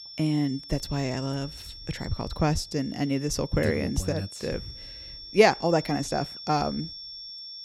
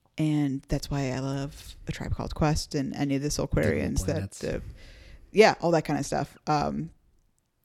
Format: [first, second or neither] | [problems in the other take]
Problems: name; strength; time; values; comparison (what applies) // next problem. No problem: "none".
second | high-pitched whine; noticeable; throughout; 5.5 kHz, 15 dB below the speech